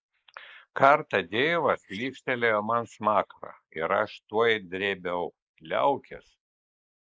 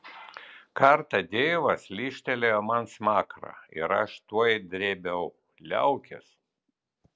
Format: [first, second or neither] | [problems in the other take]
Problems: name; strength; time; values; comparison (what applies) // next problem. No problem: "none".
second | noise reduction (neural mask model Resemble Enhance denoiser)